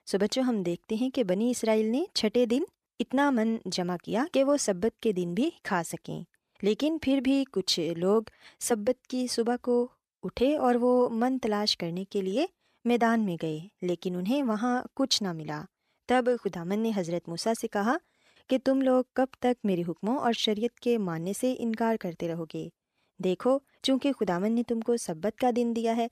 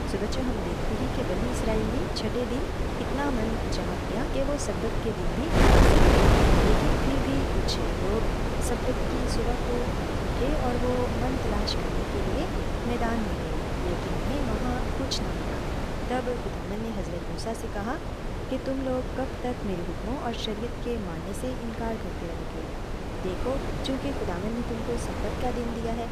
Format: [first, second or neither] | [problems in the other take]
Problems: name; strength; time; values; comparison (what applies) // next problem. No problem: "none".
first | wind noise on the microphone; heavy; 3 dB above the speech